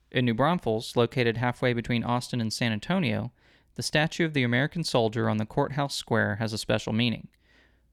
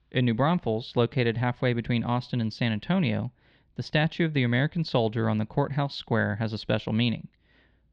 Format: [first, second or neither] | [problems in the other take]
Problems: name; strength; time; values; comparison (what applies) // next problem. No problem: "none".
first | muffled; very slightly; fading above 4 kHz